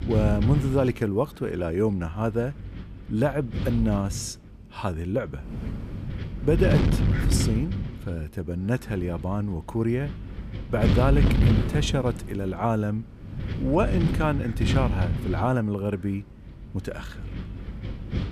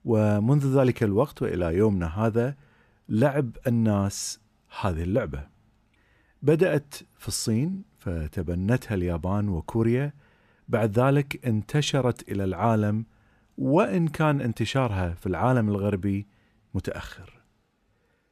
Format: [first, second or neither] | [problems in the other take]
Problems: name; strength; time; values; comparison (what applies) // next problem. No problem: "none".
second | wind noise on the microphone; heavy; 7 dB below the speech